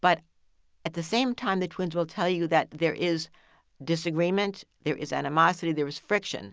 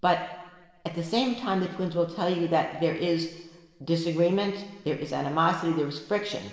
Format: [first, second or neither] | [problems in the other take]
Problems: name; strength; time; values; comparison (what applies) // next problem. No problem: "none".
first | room echo; dies away in 1.2 s